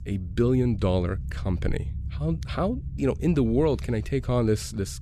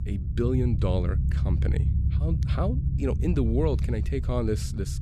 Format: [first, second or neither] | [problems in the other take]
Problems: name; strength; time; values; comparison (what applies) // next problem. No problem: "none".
first | low rumble; loud; throughout; 9 dB below the speech; faint in the first